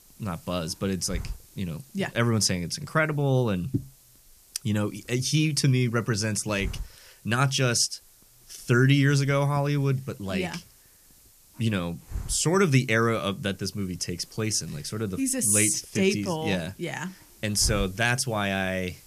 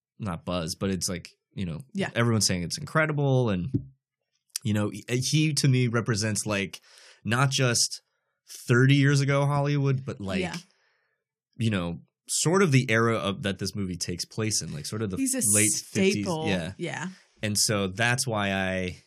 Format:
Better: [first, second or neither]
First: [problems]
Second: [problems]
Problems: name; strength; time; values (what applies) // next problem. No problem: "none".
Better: second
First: hiss; faint; throughout; 20 dB below the speech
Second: none